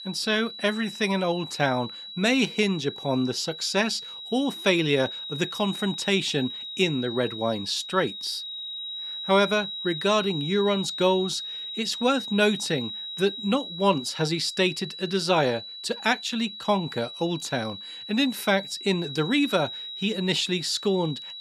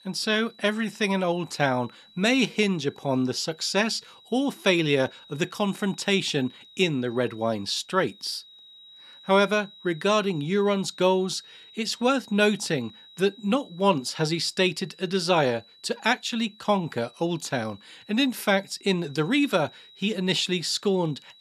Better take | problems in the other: second | high-pitched whine; loud; throughout; 4 kHz, 9 dB below the speech; faint in the second

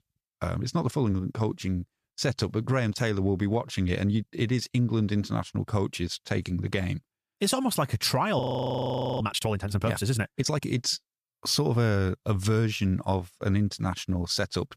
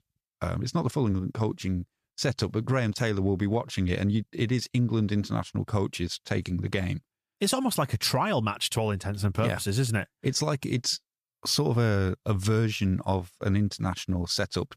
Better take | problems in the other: second | audio freezing; at 8.5 s for 1 s

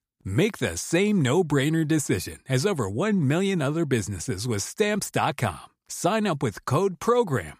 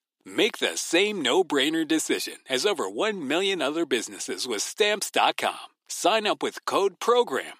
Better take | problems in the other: first | thin; somewhat; fading below 300 Hz

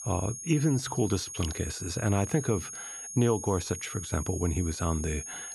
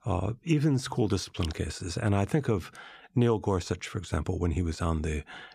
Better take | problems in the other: second | high-pitched whine; loud; throughout; 6.5 kHz, 8 dB below the speech

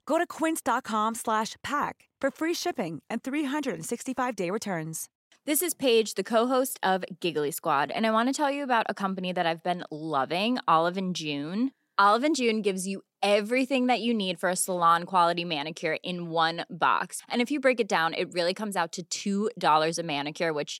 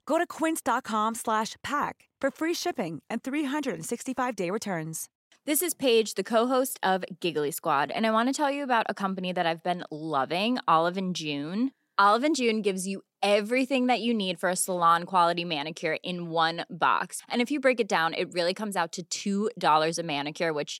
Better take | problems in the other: neither | none

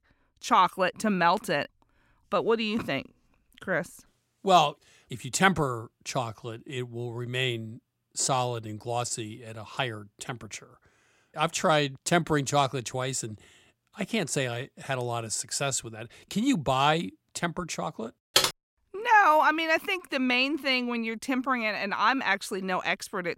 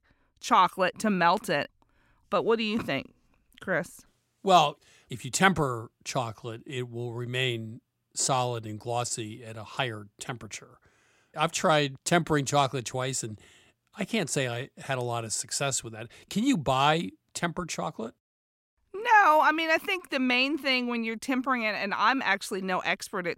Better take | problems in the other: second | keyboard typing; loud; at 18 s; peak 4 dB above the speech

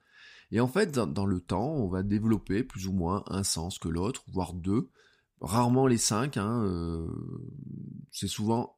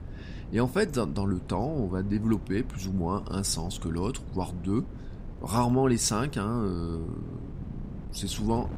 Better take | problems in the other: first | wind noise on the microphone; occasional gusts; 20 dB below the speech

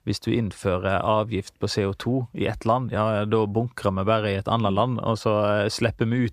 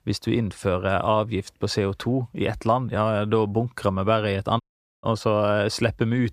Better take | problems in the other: first | audio cutting out; at 4.5 s

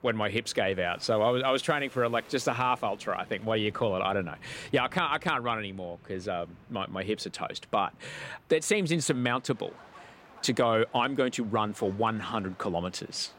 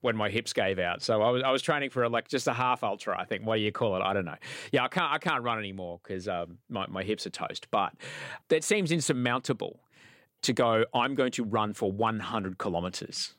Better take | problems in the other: second | train or aircraft noise; faint; throughout; 25 dB below the speech

